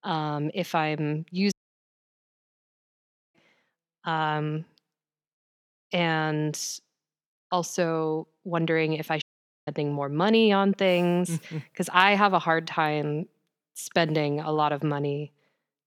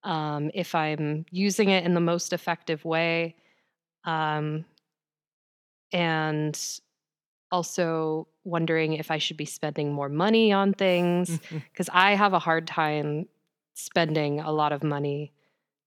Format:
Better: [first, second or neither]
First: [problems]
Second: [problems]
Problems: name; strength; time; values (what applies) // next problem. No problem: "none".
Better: second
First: audio cutting out; at 1.5 s for 2 s and at 9 s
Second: none